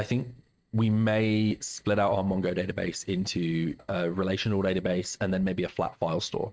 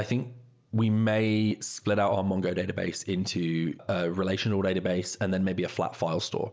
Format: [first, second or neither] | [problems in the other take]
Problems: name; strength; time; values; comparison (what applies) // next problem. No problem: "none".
second | noise reduction (neural mask model RNNoise)